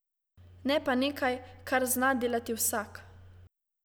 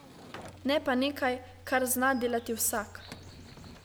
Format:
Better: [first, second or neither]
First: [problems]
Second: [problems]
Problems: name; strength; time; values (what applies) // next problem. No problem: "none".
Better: first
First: none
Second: background sound (Bird vocalization, bird call, bird song + Sliding door / Wood); 19 dB below the speech